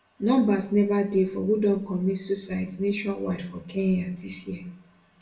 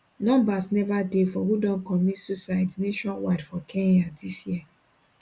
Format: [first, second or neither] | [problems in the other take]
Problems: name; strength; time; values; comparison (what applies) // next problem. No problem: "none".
second | room echo; dies away in 0.5 s